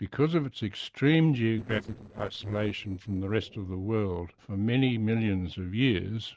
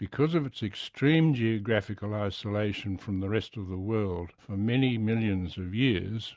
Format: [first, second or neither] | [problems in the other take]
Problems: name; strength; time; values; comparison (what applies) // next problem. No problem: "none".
second | noise reduction (neural separator model SepFormer DNS4)